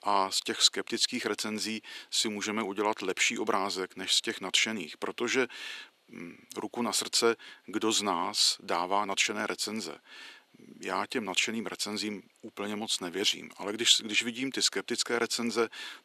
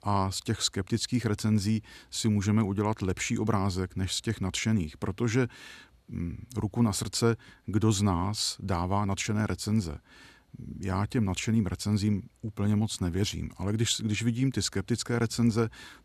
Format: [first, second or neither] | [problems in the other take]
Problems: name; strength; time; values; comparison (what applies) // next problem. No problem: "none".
second | thin; somewhat; fading below 350 Hz